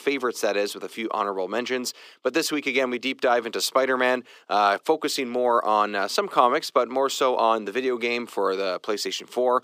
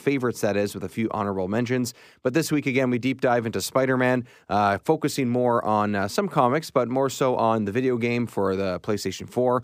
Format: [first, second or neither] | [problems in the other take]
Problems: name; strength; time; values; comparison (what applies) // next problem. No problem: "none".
second | thin; somewhat; fading below 350 Hz